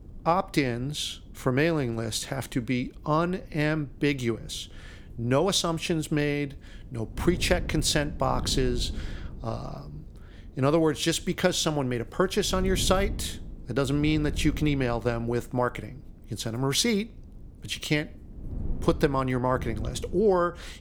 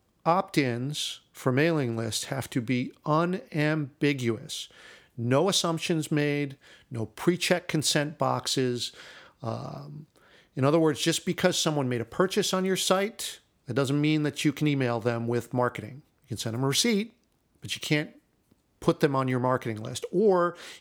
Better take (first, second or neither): second